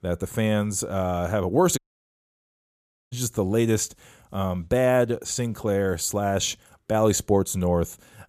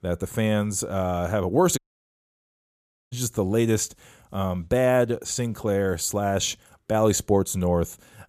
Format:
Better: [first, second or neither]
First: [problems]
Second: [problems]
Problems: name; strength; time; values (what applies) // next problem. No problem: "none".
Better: neither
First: audio cutting out; at 2 s for 1.5 s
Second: audio cutting out; at 2 s for 1.5 s